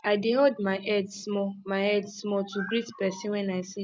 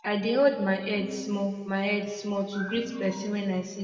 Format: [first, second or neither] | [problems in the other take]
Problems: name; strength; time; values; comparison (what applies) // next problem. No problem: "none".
first | background sound (Piano); 10 dB below the speech // room echo; dies away in 1.7 s